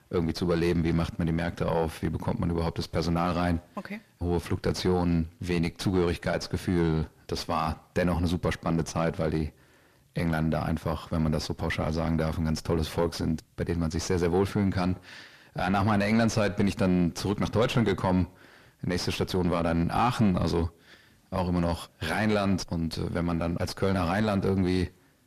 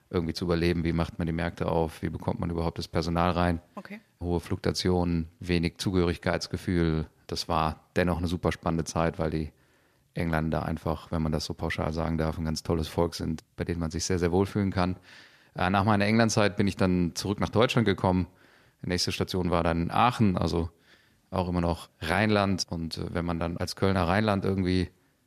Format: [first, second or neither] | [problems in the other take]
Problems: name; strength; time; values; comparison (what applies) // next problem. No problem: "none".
second | distortion; heavy; 6 dB below the speech